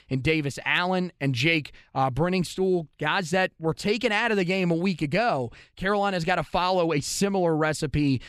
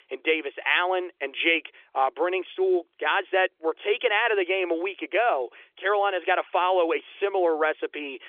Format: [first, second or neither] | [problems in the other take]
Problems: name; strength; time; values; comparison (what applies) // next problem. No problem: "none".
first | phone-call audio; nothing above 3.5 kHz